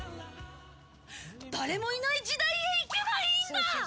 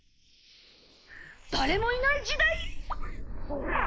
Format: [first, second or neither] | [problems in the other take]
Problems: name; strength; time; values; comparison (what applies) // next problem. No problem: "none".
first | noise reduction (neural mask model Resemble Enhance denoiser)